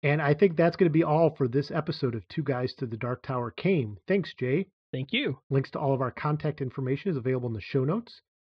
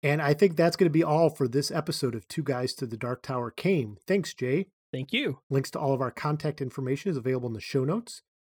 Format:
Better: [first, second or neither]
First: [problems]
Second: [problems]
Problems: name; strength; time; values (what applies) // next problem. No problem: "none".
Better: second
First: muffled; slightly; fading above 4 kHz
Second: none